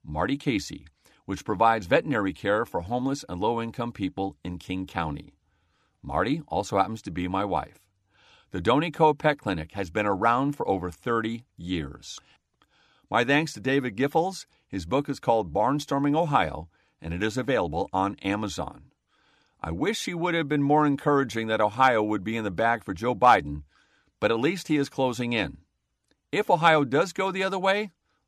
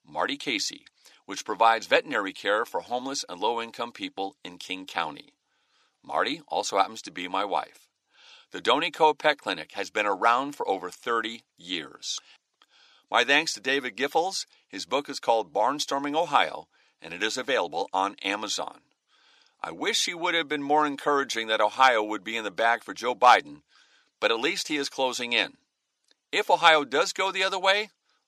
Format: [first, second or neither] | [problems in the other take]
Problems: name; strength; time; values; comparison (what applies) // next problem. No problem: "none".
first | thin; somewhat; fading below 450 Hz